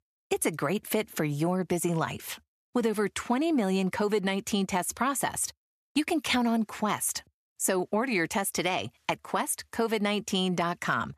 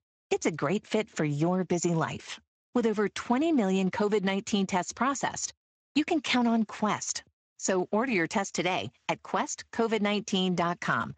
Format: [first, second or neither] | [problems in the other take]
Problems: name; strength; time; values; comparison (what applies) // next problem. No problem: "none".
first | garbled, watery; slightly; nothing above 7.5 kHz